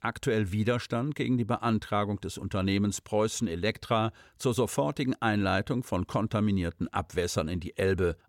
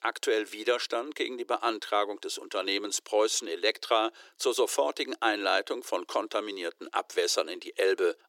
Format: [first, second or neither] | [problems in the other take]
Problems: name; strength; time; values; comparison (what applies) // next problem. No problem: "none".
first | thin; very; fading below 350 Hz